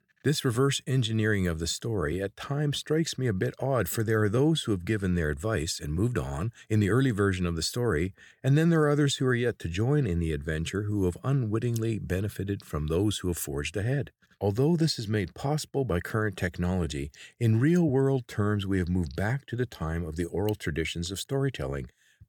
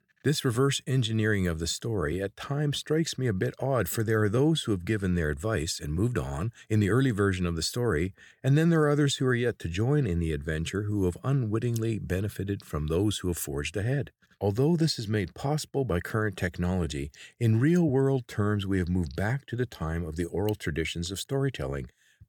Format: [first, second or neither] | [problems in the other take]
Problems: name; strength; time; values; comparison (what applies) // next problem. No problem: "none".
neither | none